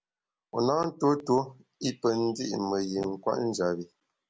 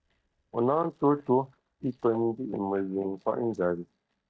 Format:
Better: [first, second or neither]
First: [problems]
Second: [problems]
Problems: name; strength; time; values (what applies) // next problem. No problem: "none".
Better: first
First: none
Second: noise reduction (neural mask model DeepFilterNet 3)